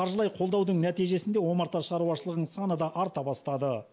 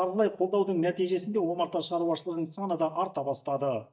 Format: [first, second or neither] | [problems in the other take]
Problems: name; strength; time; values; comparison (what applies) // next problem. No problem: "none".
first | noise reduction (neural mask model DeepFilterNet 3)